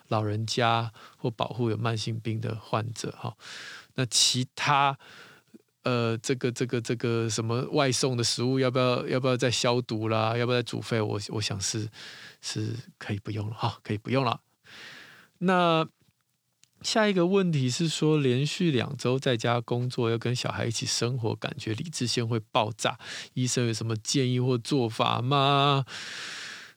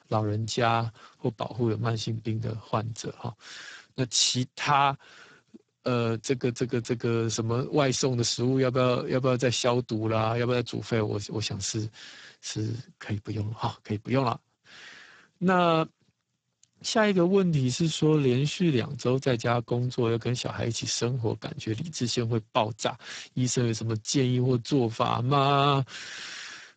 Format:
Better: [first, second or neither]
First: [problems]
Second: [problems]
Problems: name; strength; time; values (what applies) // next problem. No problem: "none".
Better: first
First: none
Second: garbled, watery; badly; nothing above 7.5 kHz